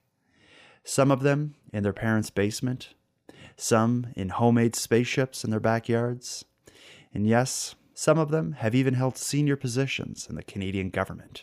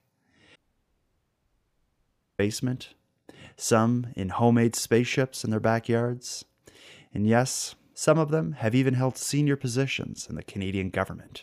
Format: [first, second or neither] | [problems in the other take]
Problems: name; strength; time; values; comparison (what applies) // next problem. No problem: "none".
first | audio cutting out; at 0.5 s for 2 s